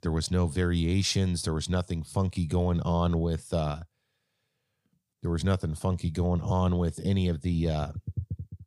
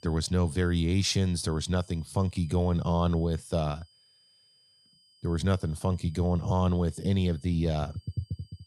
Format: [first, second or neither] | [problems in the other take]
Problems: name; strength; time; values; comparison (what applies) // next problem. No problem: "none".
first | high-pitched whine; faint; throughout; 5 kHz, 30 dB below the speech